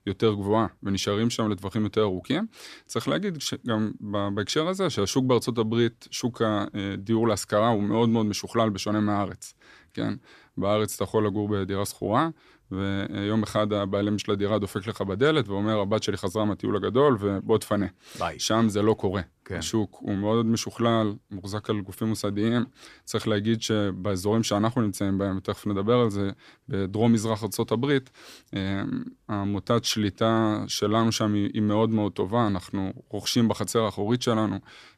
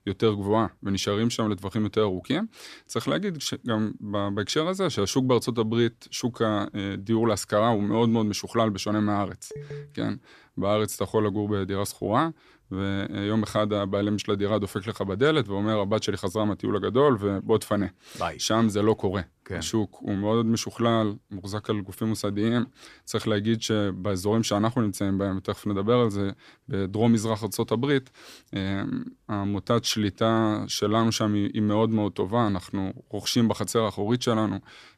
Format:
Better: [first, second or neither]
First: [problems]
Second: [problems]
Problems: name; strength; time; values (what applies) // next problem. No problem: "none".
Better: first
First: none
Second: phone ringing; faint; at 9.5 s; peak 15 dB below the speech